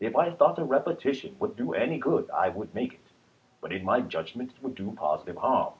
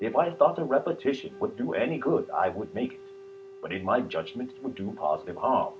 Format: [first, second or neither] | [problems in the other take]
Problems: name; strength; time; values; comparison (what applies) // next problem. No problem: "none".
first | background sound (Wind instrument, woodwind instrument); 18 dB below the speech